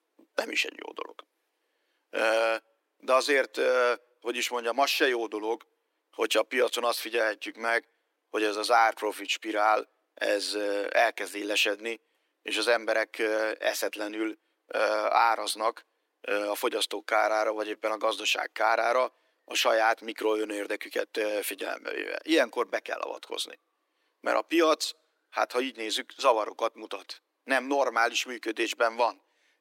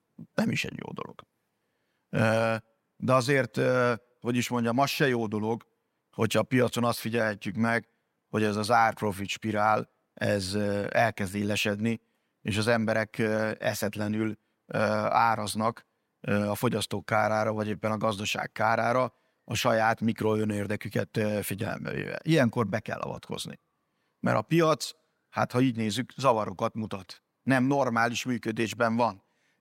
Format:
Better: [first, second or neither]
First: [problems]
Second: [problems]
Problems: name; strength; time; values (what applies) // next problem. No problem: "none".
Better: second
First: thin; very; fading below 300 Hz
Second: none